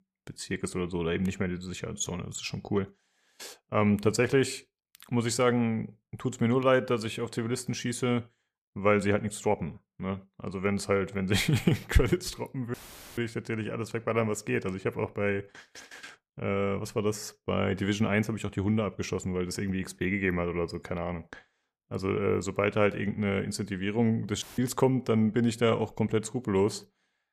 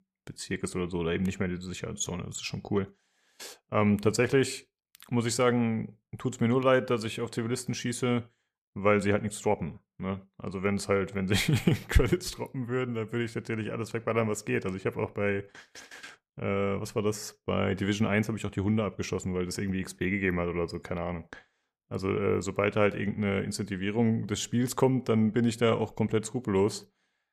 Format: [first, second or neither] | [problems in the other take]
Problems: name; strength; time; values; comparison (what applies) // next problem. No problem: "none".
second | audio cutting out; filled with static; at 13 s and at 24 s